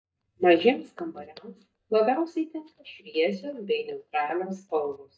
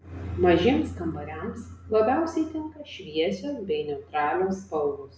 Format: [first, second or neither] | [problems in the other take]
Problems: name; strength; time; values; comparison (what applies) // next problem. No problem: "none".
second | noise reduction (neural mask model DeepFilterNet 3)